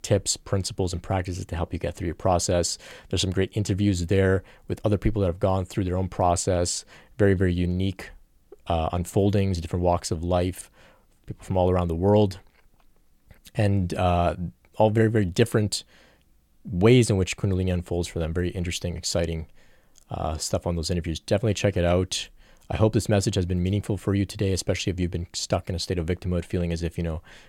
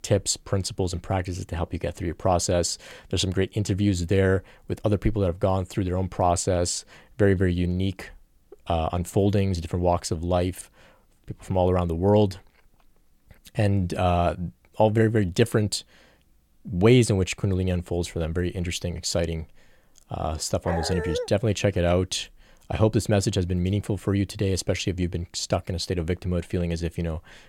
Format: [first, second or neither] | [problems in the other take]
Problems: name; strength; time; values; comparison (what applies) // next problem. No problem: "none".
first | dog barking; noticeable; at 21 s; peak 5 dB below the speech